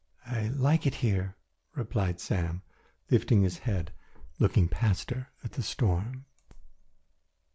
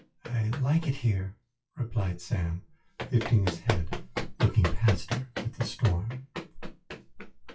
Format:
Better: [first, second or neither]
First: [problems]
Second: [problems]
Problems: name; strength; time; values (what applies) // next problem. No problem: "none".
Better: first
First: none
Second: noise reduction (classical method WPE with log-MMSE)